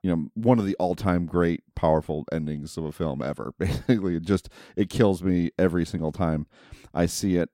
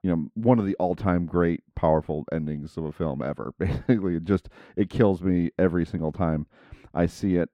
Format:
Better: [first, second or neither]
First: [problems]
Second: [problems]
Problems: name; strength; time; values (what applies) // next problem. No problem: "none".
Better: first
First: none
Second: muffled; slightly; fading above 4 kHz